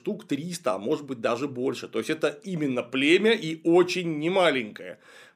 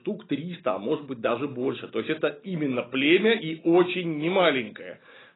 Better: first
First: none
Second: garbled, watery; badly; nothing above 4 kHz

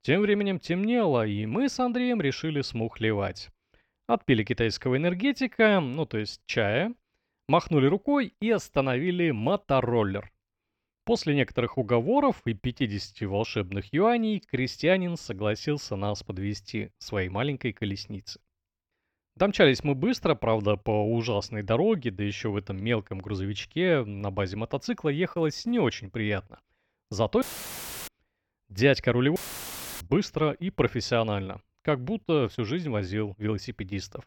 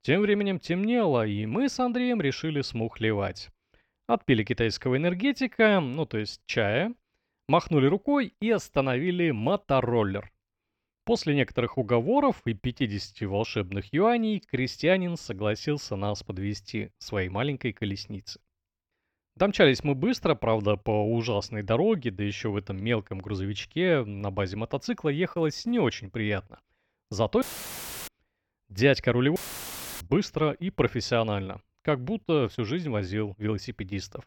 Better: neither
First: audio cutting out; filled with static; at 27 s for 0.5 s and at 29 s for 0.5 s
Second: audio cutting out; filled with static; at 27 s for 0.5 s and at 29 s for 0.5 s

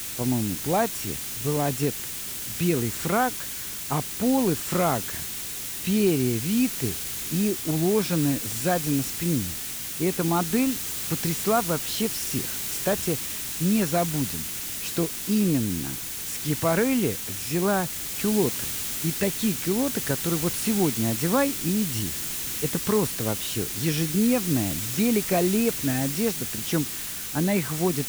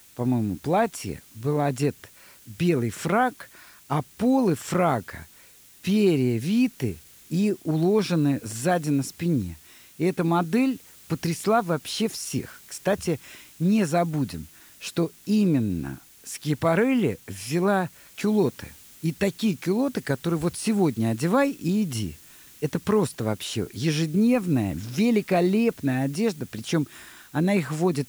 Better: second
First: hiss; loud; throughout; 3 dB below the speech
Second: hiss; faint; throughout; 25 dB below the speech

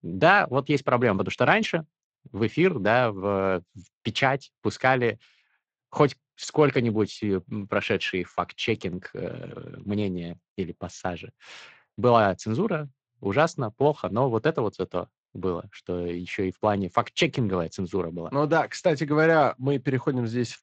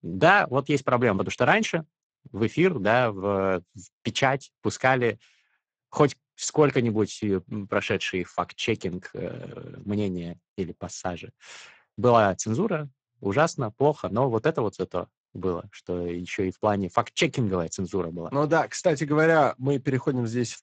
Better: first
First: garbled, watery; slightly; nothing above 7.5 kHz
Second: garbled, watery; badly; nothing above 7.5 kHz

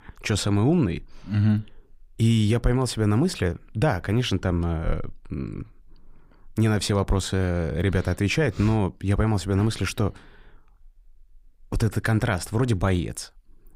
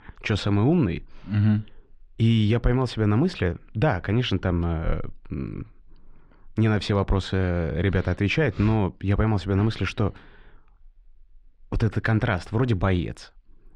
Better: first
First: none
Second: muffled; very slightly; fading above 3 kHz

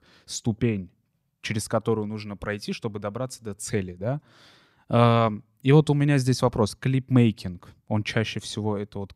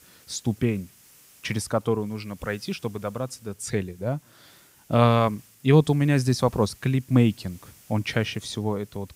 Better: first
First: none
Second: hiss; faint; throughout; 25 dB below the speech

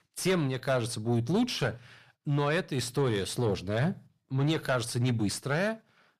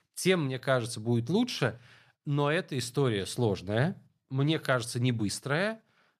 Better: second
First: distortion; slight; 9 dB below the speech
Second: none

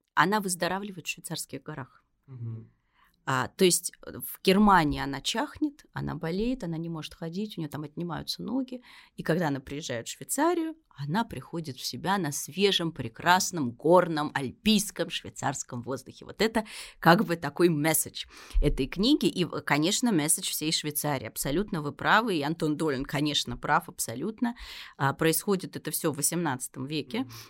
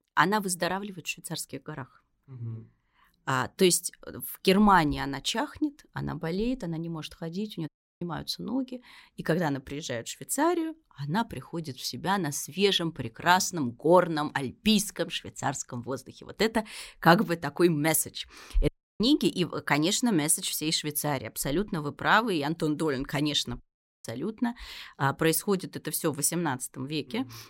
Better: first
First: none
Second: audio cutting out; at 7.5 s, at 19 s and at 24 s

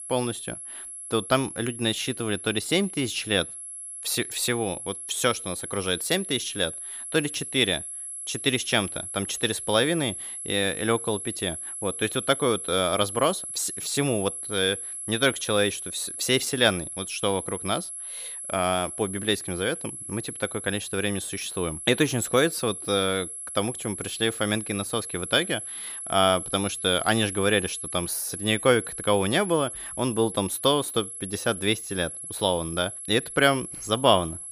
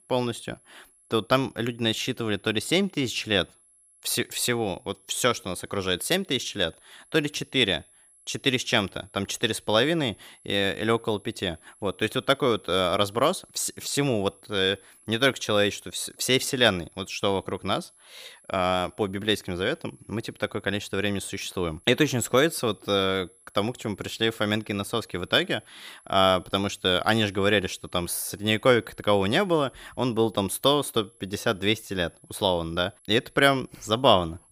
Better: second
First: high-pitched whine; loud; throughout; 11 kHz, 8 dB below the speech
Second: high-pitched whine; faint; throughout; 11 kHz, 30 dB below the speech

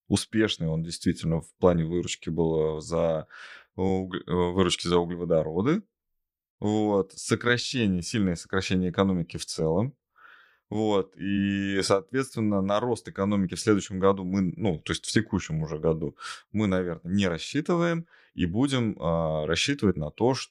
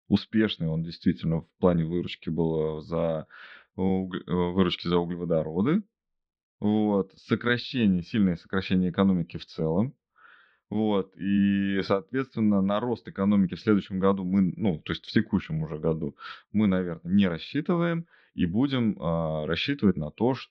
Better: first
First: none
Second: muffled; very slightly; fading above 4 kHz

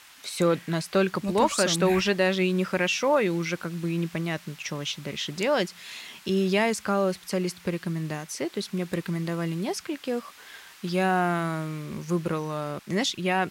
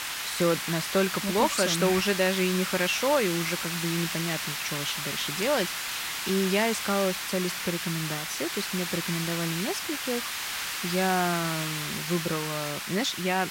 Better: first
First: hiss; faint; throughout; 20 dB below the speech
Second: hiss; loud; throughout; 2 dB below the speech

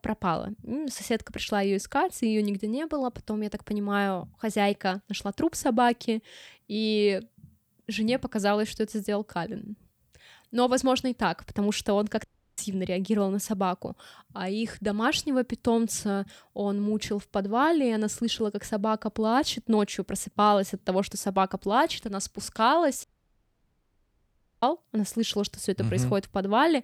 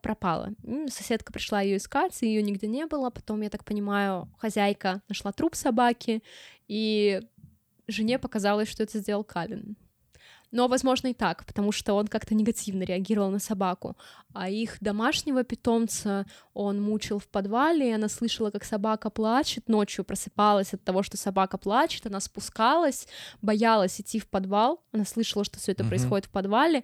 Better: second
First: audio cutting out; at 12 s and at 23 s for 1.5 s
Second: none

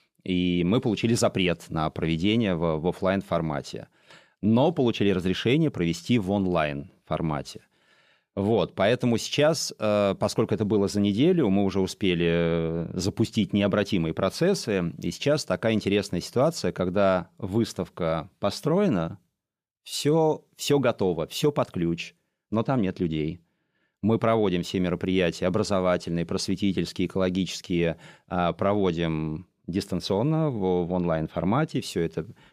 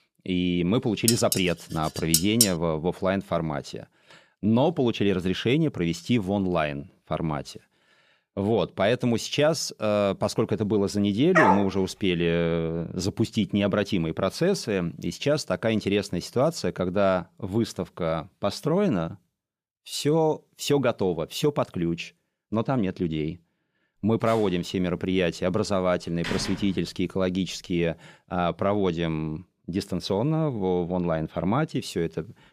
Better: first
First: none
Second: clattering dishes; loud; from 1 to 2.5 s; peak 5 dB above the speech // dog barking; loud; at 11 s; peak 5 dB above the speech // door banging; noticeable; from 24 to 27 s; peak 7 dB below the speech

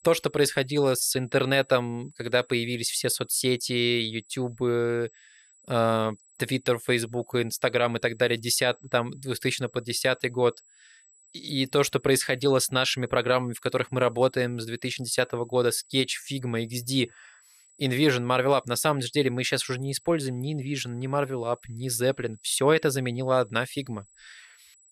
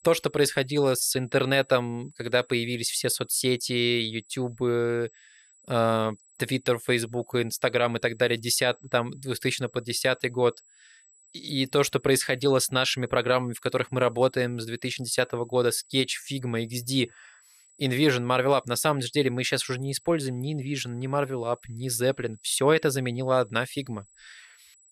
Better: neither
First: high-pitched whine; faint; throughout; 8 kHz, 30 dB below the speech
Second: high-pitched whine; faint; throughout; 8 kHz, 30 dB below the speech

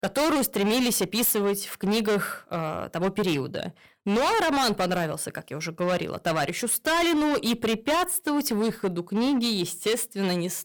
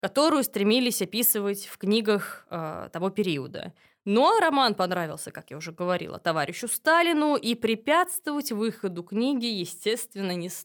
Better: second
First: distortion; heavy; 19% of the sound clipped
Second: none

